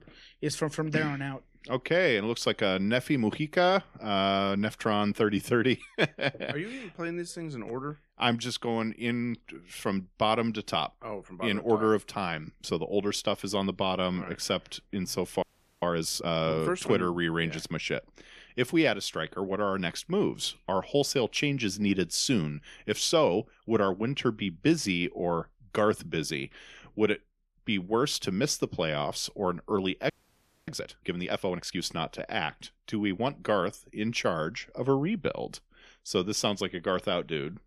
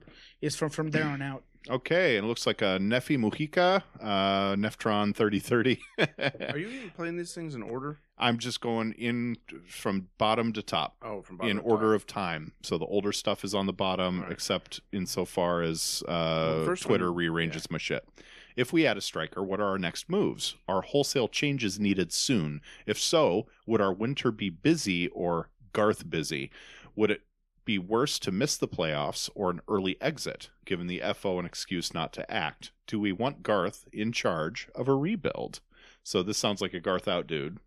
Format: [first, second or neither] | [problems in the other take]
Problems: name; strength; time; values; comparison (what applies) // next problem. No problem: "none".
second | audio freezing; at 15 s and at 30 s for 0.5 s